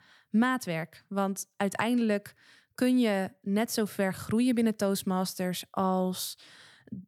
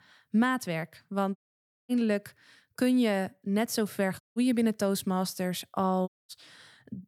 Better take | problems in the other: first | audio cutting out; at 1.5 s for 0.5 s, at 4 s and at 6 s

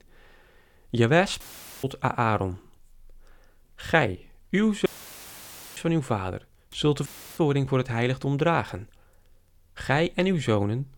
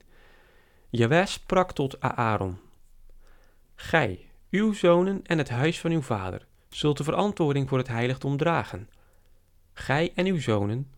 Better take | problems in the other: second | audio cutting out; filled with static; at 1.5 s, at 5 s for 1 s and at 7 s

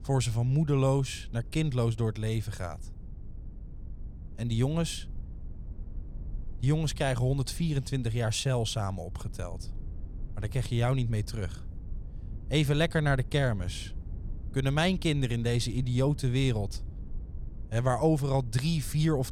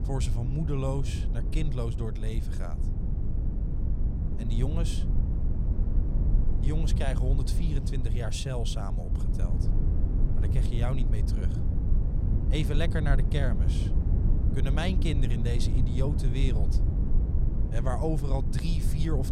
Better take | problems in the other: first | low rumble; loud; throughout; 5 dB below the speech; faint in the first

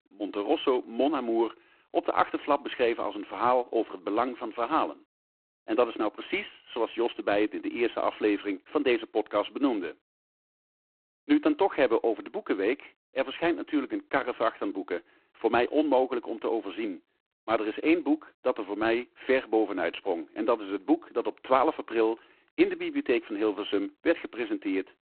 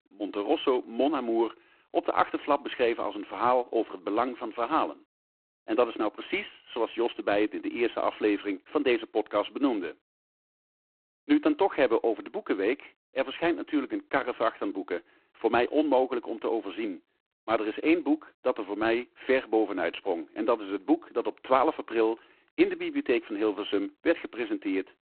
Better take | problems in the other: neither | phone-call audio; poor line; the same in both

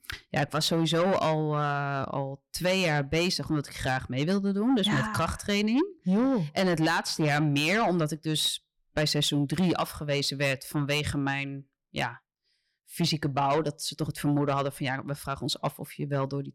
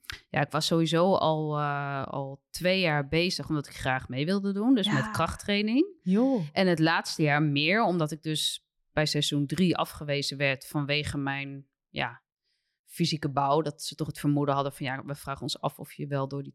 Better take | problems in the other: second | distortion; slight; 10 dB below the speech

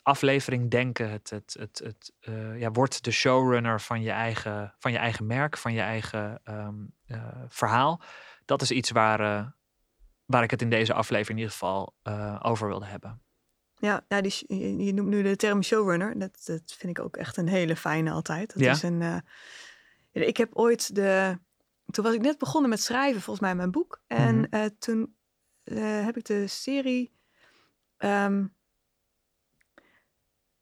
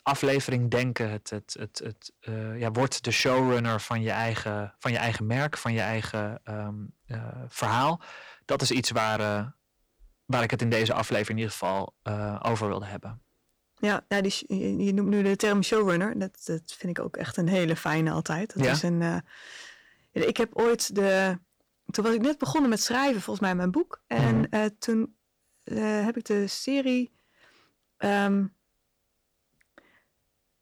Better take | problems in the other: first | distortion; slight; 4% of the sound clipped

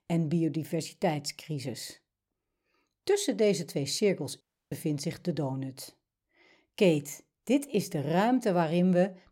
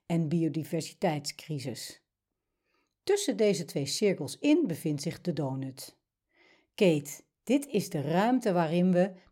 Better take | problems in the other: second | audio cutting out; at 4.5 s

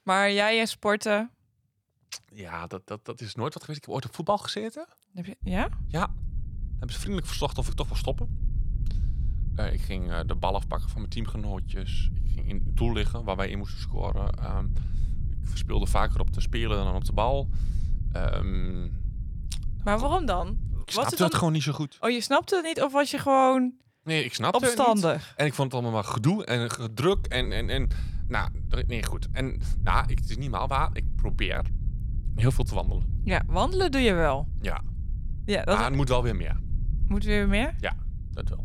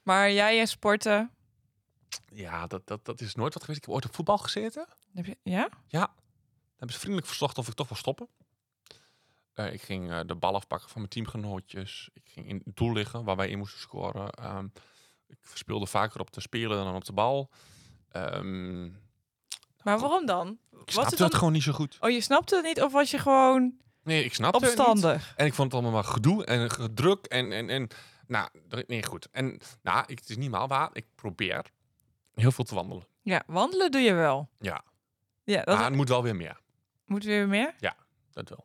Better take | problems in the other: second | low rumble; faint; from 5.5 to 21 s and from 27 s on; 20 dB below the speech

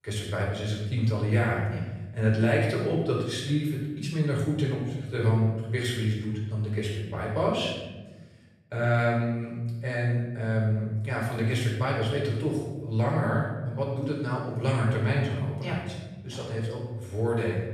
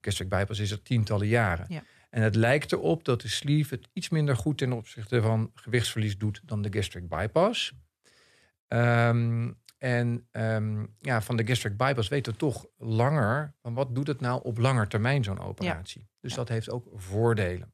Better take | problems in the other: second | off-mic speech; far // room echo; noticeable; dies away in 1.2 s

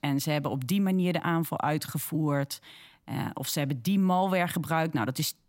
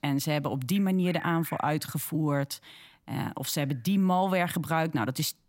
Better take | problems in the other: first | animal sounds; very faint; throughout; 20 dB below the speech

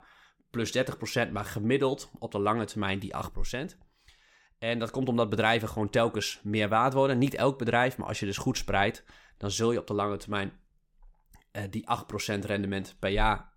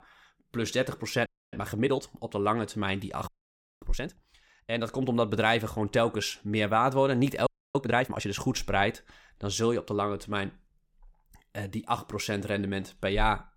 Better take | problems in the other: first | audio freezing; at 1.5 s, at 3.5 s for 0.5 s and at 7.5 s

